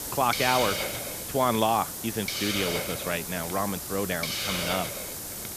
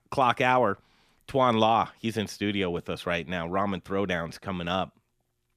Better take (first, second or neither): second